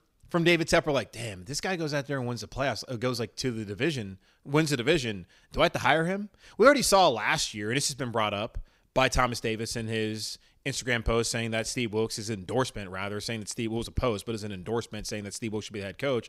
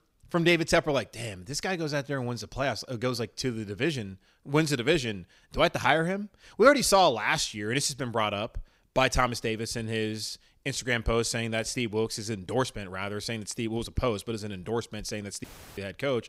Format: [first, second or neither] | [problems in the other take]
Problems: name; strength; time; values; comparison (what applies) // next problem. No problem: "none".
first | audio cutting out; filled with static; at 15 s